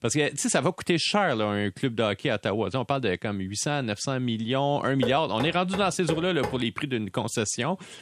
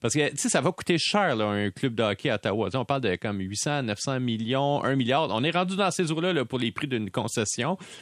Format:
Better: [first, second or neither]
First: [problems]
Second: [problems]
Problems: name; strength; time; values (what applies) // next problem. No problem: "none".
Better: second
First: door banging; noticeable; from 5 to 6.5 s; peak 6 dB below the speech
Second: none